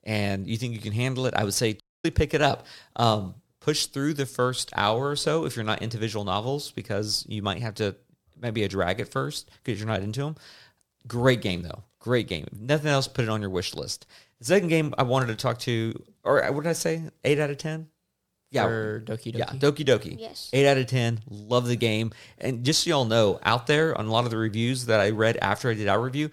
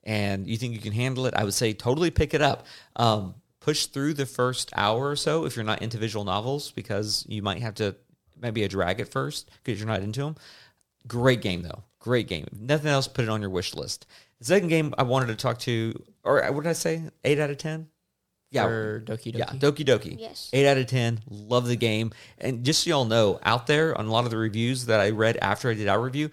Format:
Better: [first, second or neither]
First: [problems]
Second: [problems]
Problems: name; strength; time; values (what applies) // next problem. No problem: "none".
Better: second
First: audio cutting out; at 2 s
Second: none